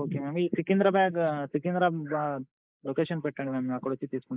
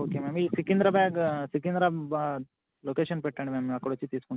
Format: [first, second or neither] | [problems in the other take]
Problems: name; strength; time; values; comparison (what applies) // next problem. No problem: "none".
second | noise reduction (neural mask model Resemble Enhance denoiser)